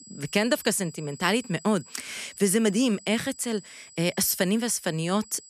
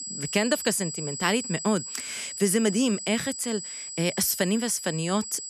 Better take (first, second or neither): first